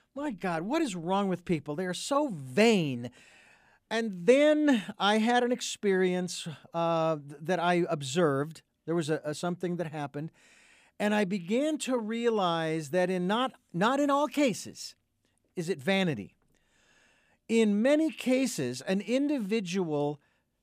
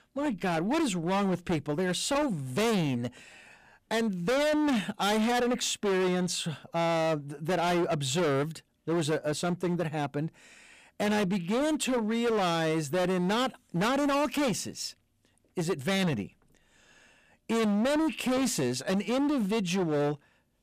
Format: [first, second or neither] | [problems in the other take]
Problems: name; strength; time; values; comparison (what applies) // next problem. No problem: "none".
first | distortion; heavy; 23% of the sound clipped